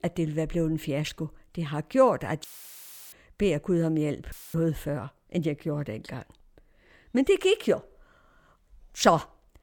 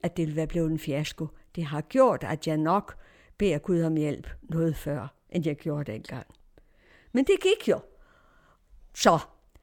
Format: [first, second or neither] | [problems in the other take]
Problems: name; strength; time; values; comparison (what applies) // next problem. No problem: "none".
second | audio cutting out; filled with static; at 2.5 s for 0.5 s and at 4.5 s